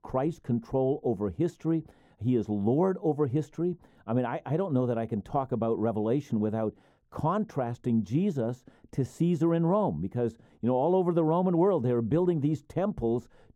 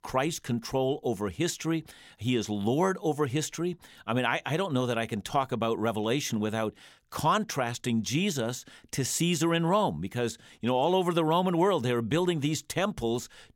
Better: second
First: muffled; very; fading above 1.5 kHz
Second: none

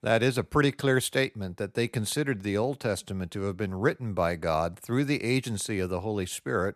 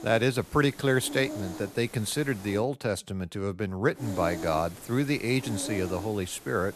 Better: first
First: none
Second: hiss; noticeable; until 2.5 s and from 4 s on; 10 dB below the speech

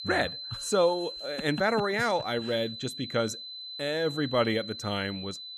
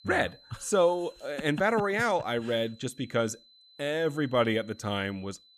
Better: second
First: high-pitched whine; loud; throughout; 4 kHz, 9 dB below the speech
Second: high-pitched whine; faint; throughout; 4 kHz, 25 dB below the speech

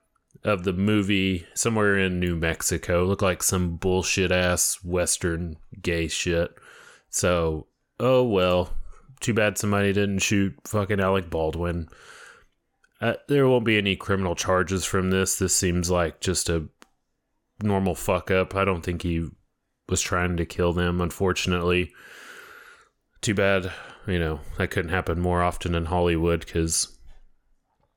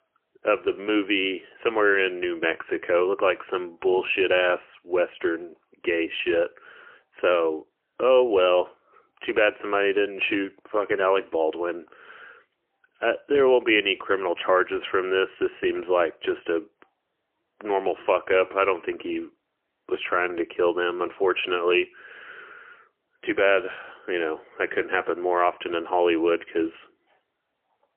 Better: first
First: none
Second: phone-call audio; poor line; nothing above 3 kHz

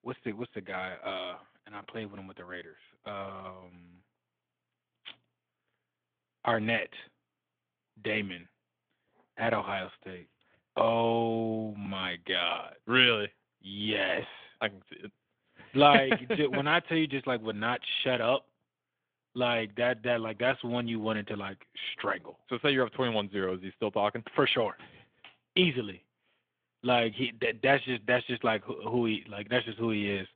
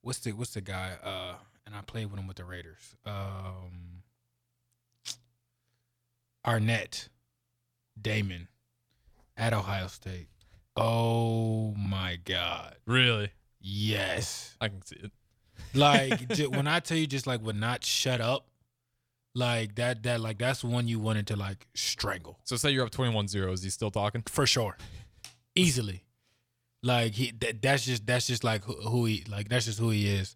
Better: second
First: phone-call audio; nothing above 3.5 kHz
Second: none

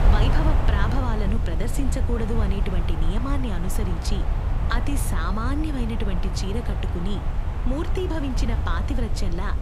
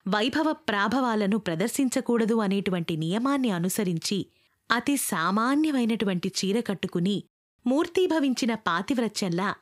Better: second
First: wind noise on the microphone; heavy; 4 dB below the speech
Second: none

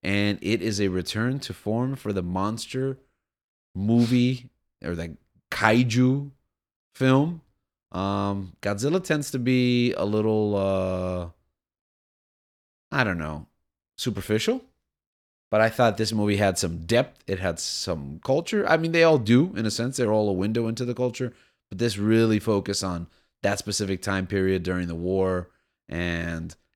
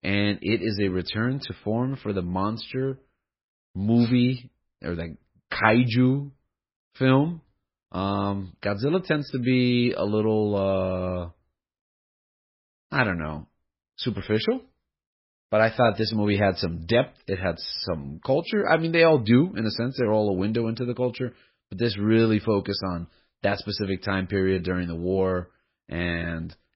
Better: first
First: none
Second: garbled, watery; badly; nothing above 5.5 kHz

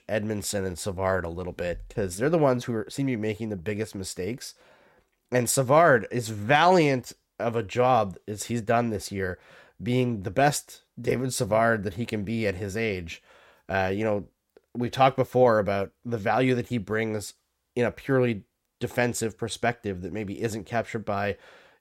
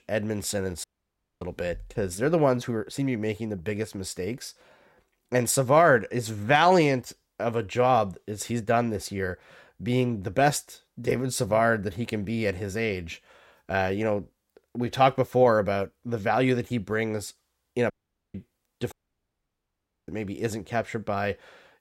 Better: first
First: none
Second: audio cutting out; at 1 s for 0.5 s, at 18 s and at 19 s for 1 s

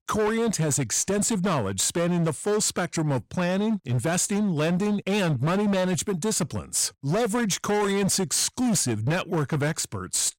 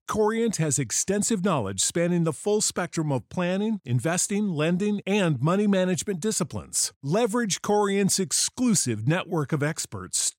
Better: second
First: distortion; slight; 23% of the sound clipped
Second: none

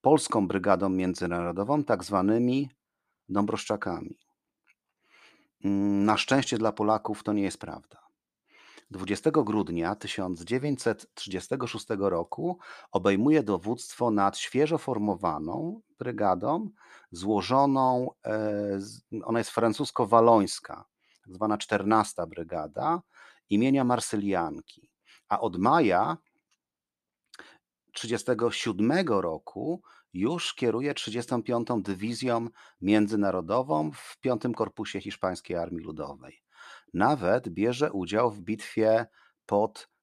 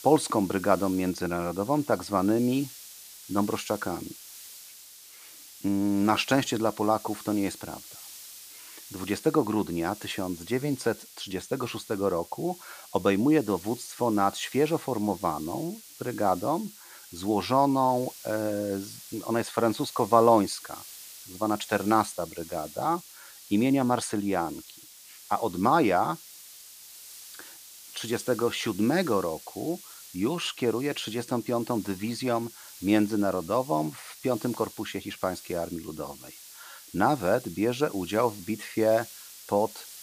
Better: first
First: none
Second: hiss; noticeable; throughout; 15 dB below the speech

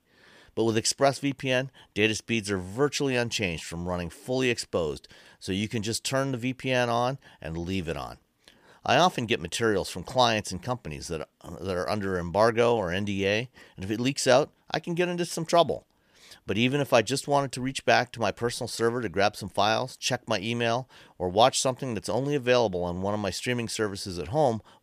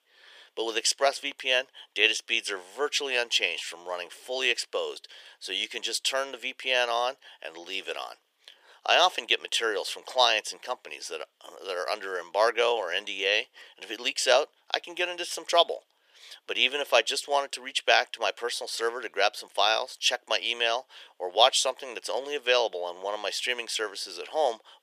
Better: first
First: none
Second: thin; very; fading below 450 Hz

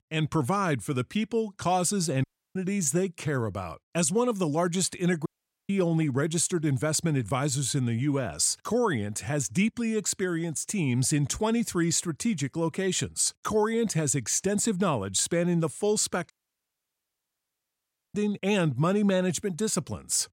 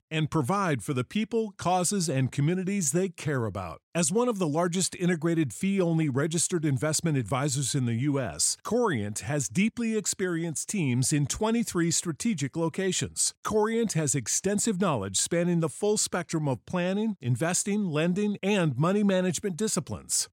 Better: second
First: audio cutting out; at 2 s, at 5.5 s and at 16 s for 2 s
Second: none

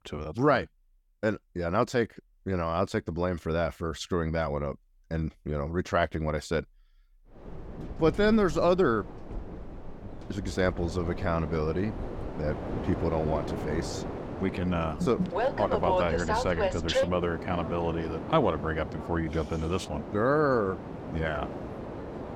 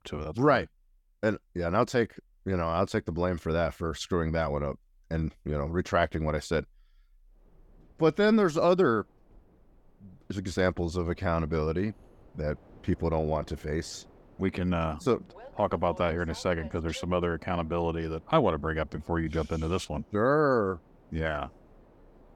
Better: second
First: train or aircraft noise; loud; from 7.5 s on; 6 dB below the speech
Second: train or aircraft noise; faint; from 7.5 s on; 25 dB below the speech

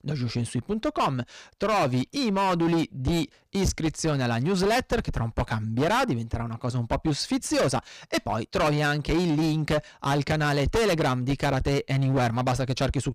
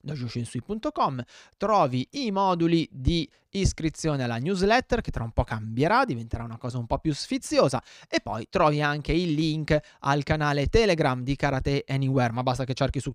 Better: second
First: distortion; heavy; 16% of the sound clipped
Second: none

